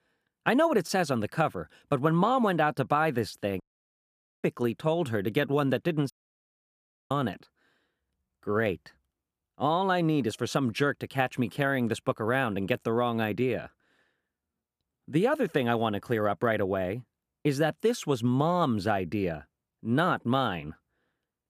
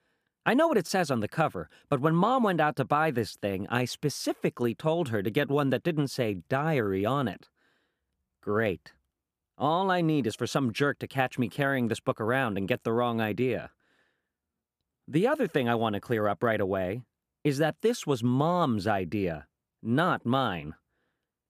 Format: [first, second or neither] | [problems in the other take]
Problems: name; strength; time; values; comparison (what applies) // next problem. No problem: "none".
second | audio cutting out; at 3.5 s for 1 s and at 6 s for 1 s